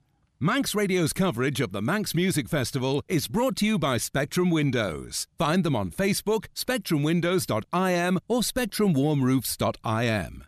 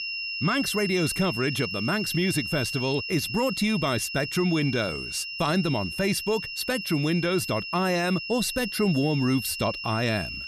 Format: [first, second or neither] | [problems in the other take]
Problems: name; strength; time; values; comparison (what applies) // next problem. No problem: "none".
first | high-pitched whine; loud; throughout; 3 kHz, 5 dB below the speech